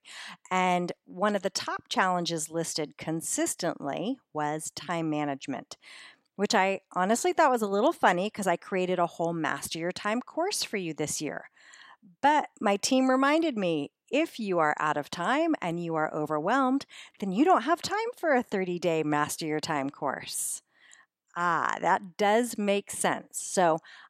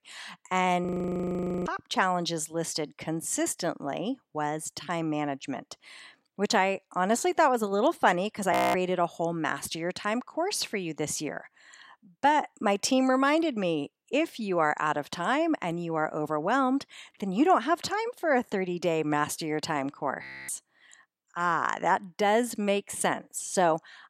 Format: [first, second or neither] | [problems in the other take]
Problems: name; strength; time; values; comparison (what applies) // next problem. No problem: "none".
first | audio freezing; at 1 s for 1 s, at 8.5 s and at 20 s